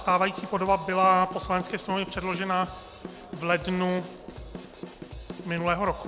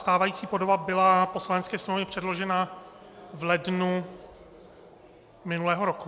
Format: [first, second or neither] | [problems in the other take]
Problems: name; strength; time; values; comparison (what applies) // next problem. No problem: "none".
second | background sound (Drum / Drum kit); 15 dB below the speech